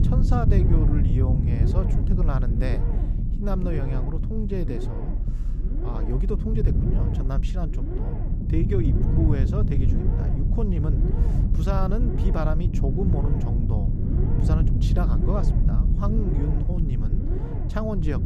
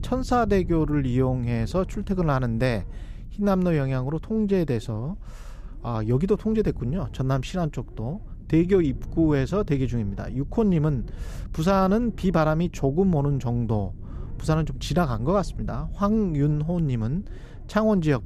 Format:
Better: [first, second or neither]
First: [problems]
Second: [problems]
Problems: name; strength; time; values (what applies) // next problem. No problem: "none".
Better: second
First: low rumble; loud; throughout; 2 dB below the speech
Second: low rumble; faint; throughout; 25 dB below the speech